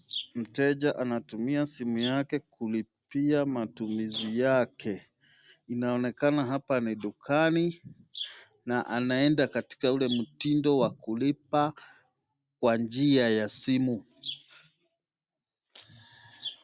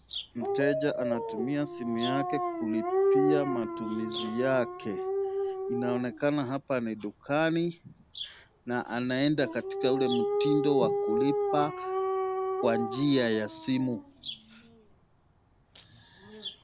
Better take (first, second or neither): first